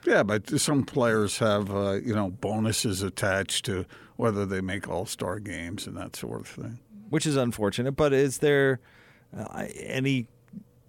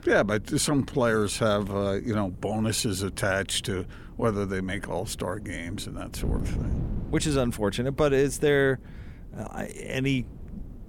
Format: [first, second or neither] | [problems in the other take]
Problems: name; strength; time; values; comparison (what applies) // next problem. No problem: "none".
first | wind noise on the microphone; occasional gusts; 20 dB below the speech